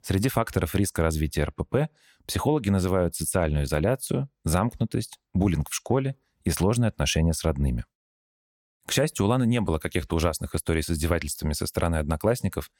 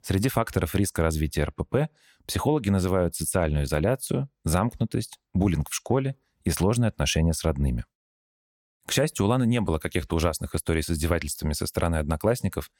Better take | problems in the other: neither | none

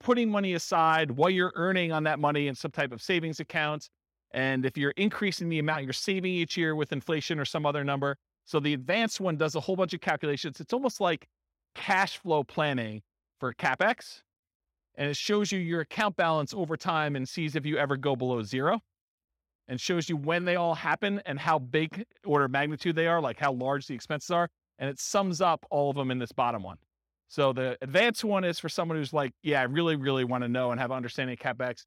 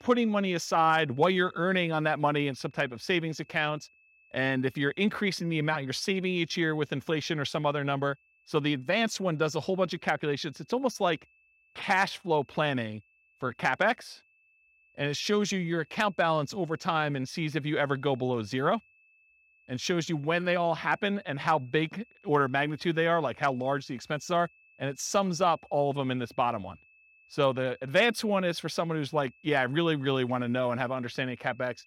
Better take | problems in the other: first | high-pitched whine; faint; throughout; 2.5 kHz, 30 dB below the speech

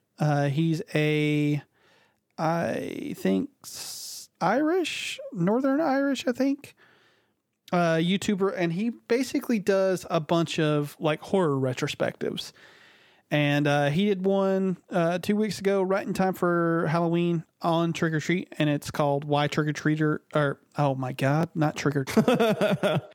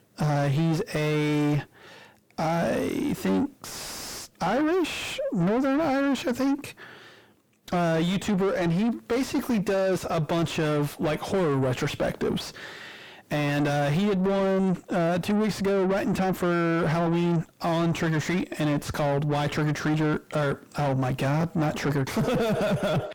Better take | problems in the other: first | distortion; heavy; 6 dB below the speech

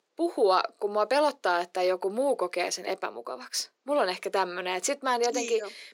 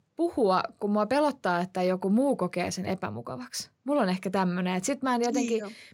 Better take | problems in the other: second | thin; somewhat; fading below 350 Hz

